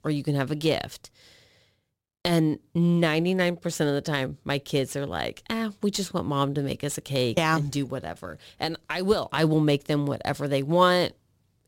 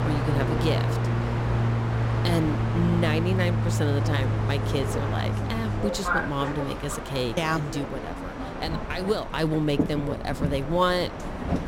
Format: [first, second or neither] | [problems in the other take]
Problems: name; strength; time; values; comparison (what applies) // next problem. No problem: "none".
first | train or aircraft noise; very loud; throughout; as loud as the speech